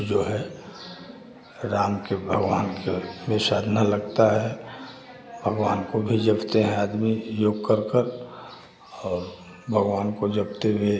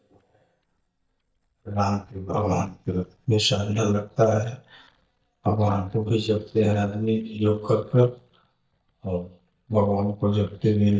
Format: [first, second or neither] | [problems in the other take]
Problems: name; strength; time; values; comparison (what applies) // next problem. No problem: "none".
first | noise reduction (neural mask model DeepFilterNet 3)